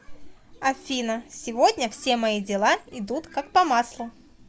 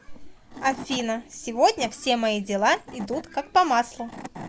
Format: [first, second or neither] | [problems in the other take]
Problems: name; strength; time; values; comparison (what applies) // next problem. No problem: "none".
first | background sound (Wood / Tools); 17 dB below the speech